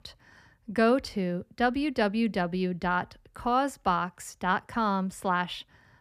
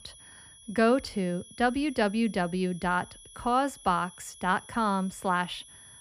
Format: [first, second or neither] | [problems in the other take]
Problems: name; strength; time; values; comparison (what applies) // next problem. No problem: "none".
first | high-pitched whine; noticeable; throughout; 10.5 kHz, 20 dB below the speech